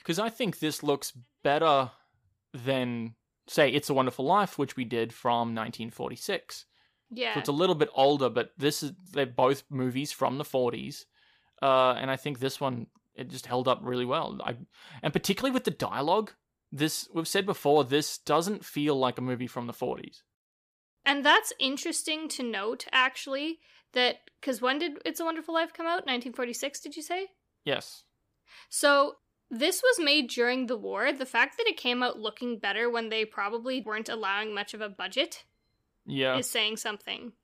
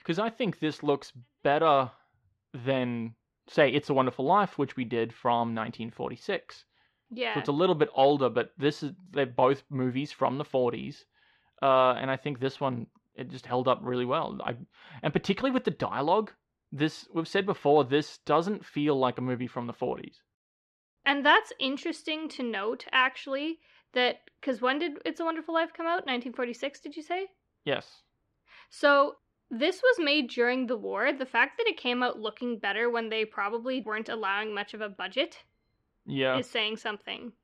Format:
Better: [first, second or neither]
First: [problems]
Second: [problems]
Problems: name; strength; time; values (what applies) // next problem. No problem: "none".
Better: first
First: none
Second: muffled; slightly; fading above 3 kHz